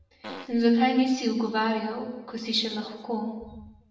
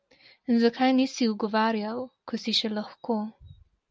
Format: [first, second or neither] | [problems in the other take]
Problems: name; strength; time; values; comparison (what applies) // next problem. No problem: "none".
second | background sound (Fart); 13 dB below the speech // room echo; dies away in 1 s